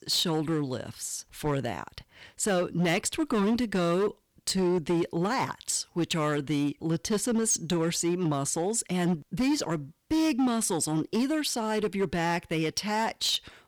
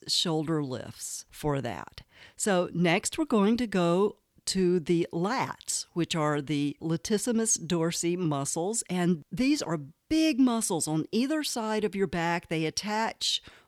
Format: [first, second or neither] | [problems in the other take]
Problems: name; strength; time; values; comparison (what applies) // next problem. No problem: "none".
second | distortion; slight; 10% of the sound clipped